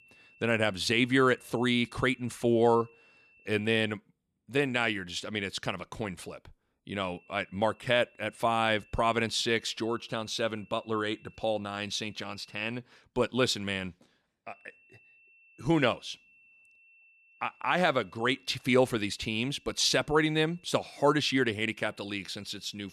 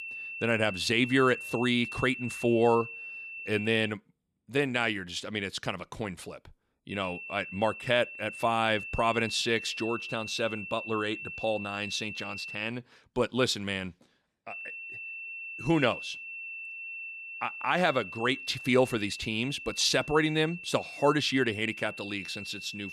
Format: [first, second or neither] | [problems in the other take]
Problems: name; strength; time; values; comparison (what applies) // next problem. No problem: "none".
first | high-pitched whine; loud; until 4 s, from 7 to 13 s and from 15 s on; 2.5 kHz, 10 dB below the speech; faint in the first